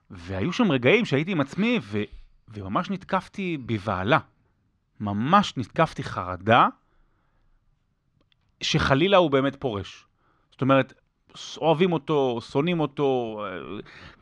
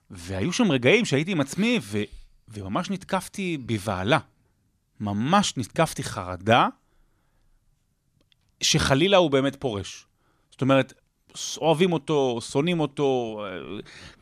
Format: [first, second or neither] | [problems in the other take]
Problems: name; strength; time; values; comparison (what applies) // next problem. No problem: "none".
second | muffled; slightly; fading above 3.5 kHz